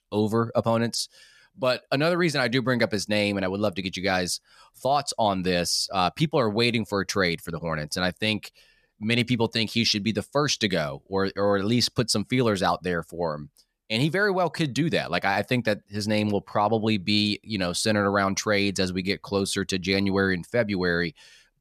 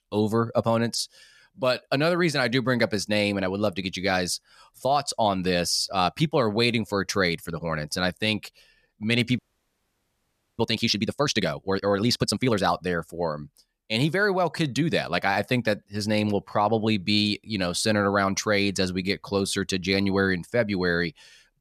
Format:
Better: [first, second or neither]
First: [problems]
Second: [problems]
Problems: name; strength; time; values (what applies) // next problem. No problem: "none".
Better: first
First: none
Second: audio freezing; at 9.5 s for 1 s